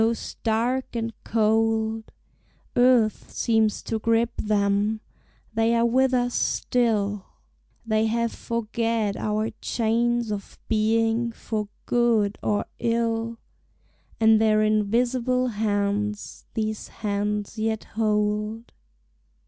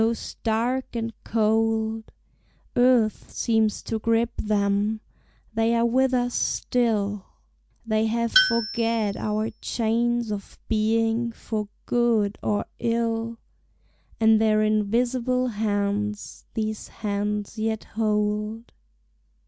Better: first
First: none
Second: background sound (Tools); 6 dB below the speech

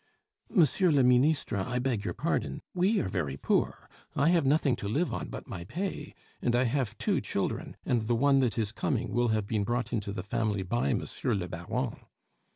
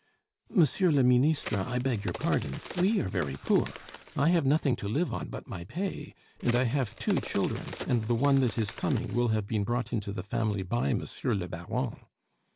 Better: first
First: none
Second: background sound (Crack); 15 dB below the speech

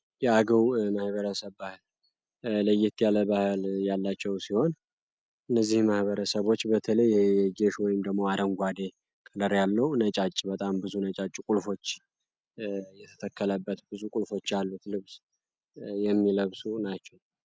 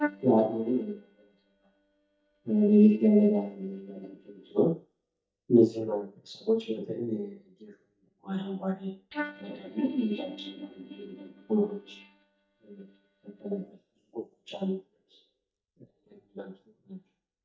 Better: first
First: none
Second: noise reduction (neural mask model DeepFilterNet 3)

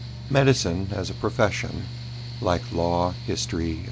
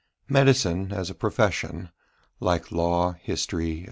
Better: second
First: background sound (Mechanical fan); 9 dB below the speech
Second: none

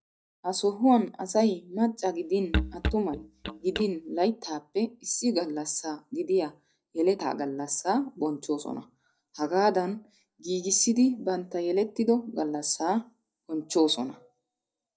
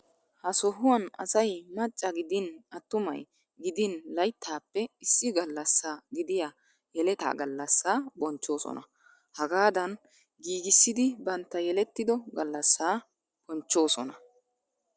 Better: second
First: noise reduction (neural mask model DeepFilterNet 3)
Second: none

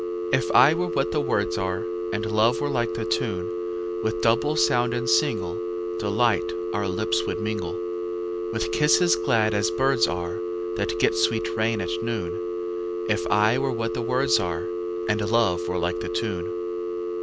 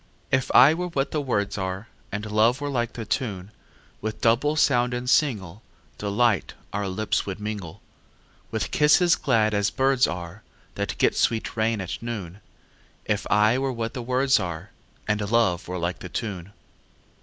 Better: second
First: background sound (Telephone); 2 dB below the speech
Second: none

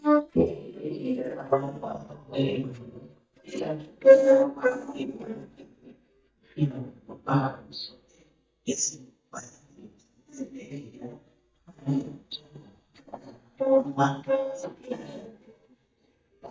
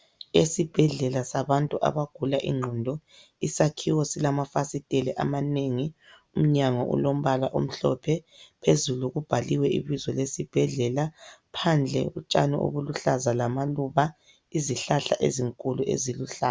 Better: second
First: noise reduction (neural mask model DeepFilterNet 3)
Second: none

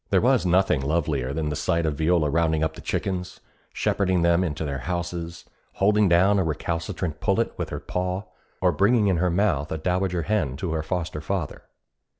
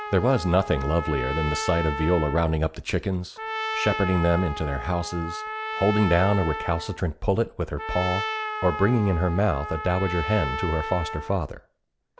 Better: first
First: none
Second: background sound (Trumpet); 8 dB below the speech

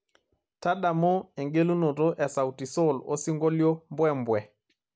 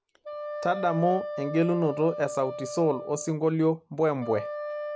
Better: first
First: none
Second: background sound (Wind instrument, woodwind instrument); 9 dB below the speech

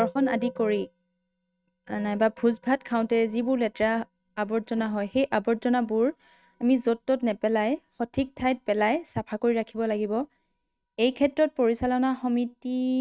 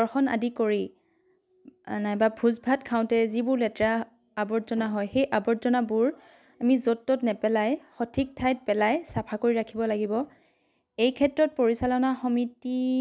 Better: second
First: noise reduction (neural mask model RNNoise)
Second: none

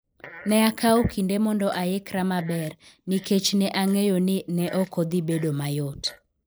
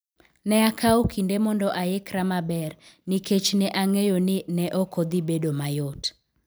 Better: second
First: noise reduction (neural mask model Resemble Enhance denoiser)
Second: none

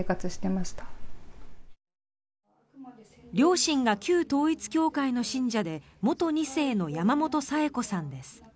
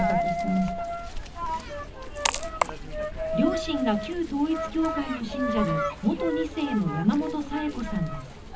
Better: first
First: none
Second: background sound (Coin (dropping)); 2 dB below the speech // room echo; dies away in 0.4 s

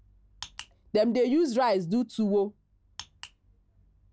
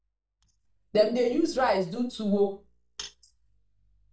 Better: first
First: none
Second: noise reduction (neural mask model DeepFilterNet 3)

